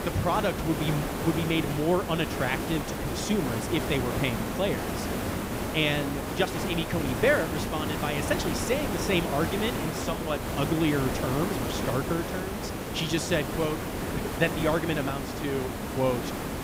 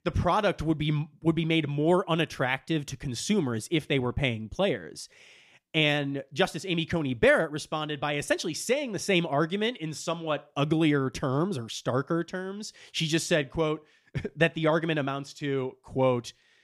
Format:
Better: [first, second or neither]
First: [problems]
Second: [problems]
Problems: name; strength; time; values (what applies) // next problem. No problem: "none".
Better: second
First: hiss; loud; throughout; 2 dB below the speech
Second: none